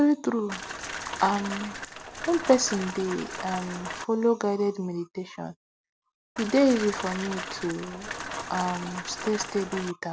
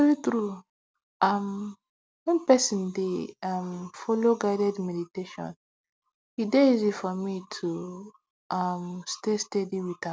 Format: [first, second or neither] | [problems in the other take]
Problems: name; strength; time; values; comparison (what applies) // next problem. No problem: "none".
second | background sound (Rain); 8 dB below the speech